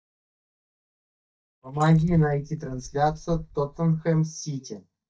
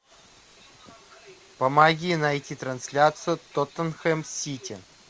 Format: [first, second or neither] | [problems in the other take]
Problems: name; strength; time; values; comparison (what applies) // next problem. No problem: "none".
second | noise reduction (neural mask model DeepFilterNet 3)